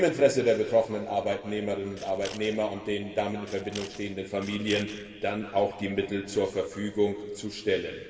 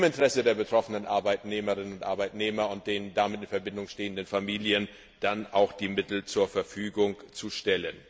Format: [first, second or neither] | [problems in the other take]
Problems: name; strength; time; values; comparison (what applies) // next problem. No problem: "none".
second | background sound (Scissors); 16 dB below the speech // room echo; dies away in 2 s